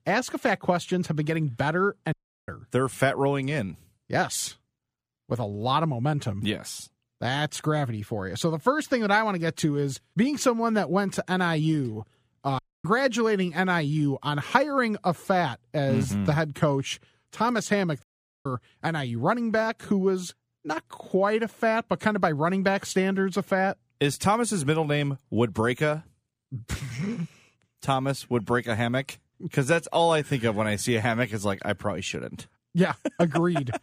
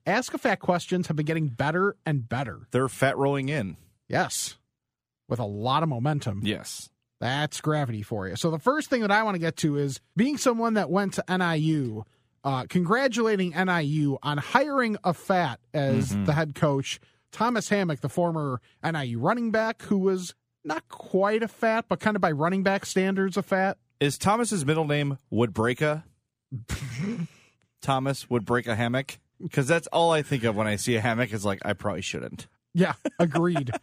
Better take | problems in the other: second | audio cutting out; at 2 s, at 13 s and at 18 s

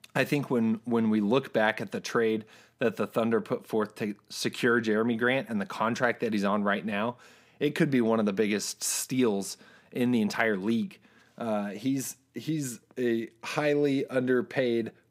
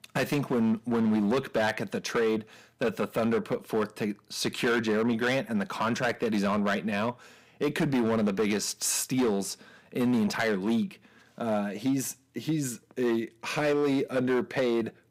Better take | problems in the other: first | distortion; slight; 9% of the sound clipped

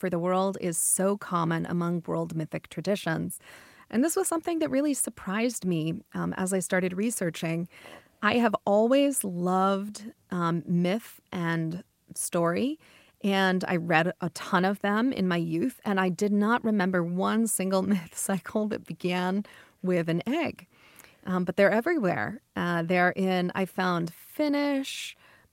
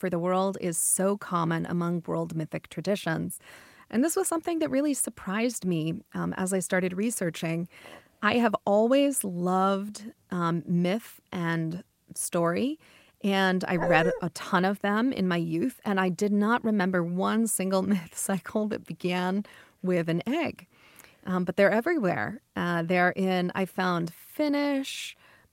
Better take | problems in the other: first | dog barking; noticeable; at 14 s; peak 1 dB below the speech

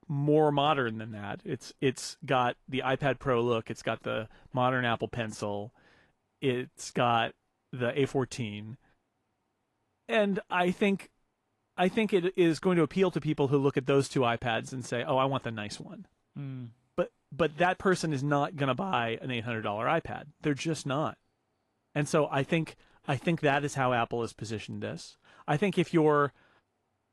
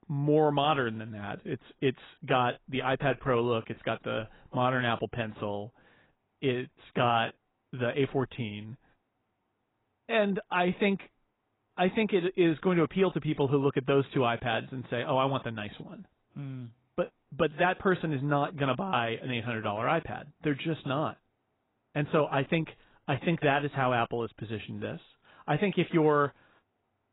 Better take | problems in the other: first | garbled, watery; badly; nothing above 4 kHz; slightly in the first

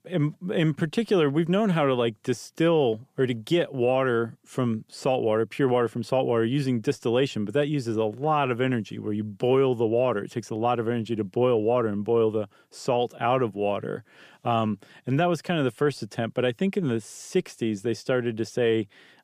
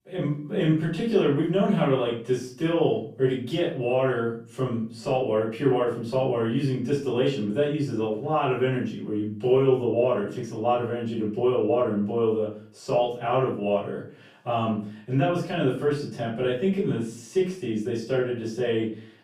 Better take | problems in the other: first | off-mic speech; far // room echo; noticeable; dies away in 0.4 s

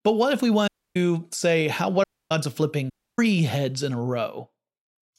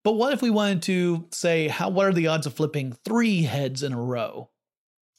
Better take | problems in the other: second | audio cutting out; at 0.5 s, at 2 s and at 3 s

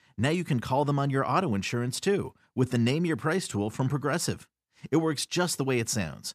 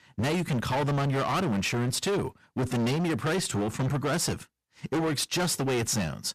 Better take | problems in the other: first | distortion; heavy; 28% of the sound clipped

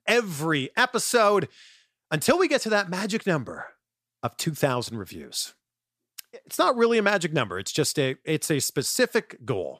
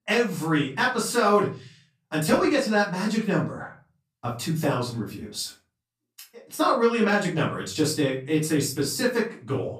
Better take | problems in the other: first | off-mic speech; far // room echo; slight; dies away in 0.3 s

